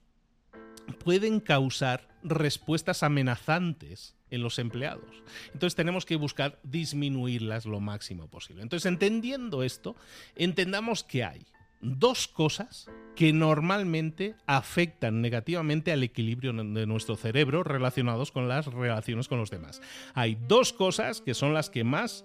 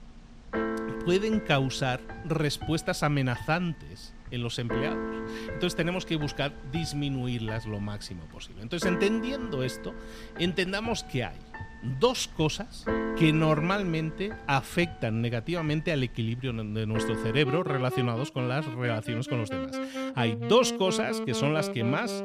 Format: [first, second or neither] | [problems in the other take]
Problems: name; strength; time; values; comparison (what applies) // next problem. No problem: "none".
first | background music; loud; throughout; 7 dB below the speech; faint in the first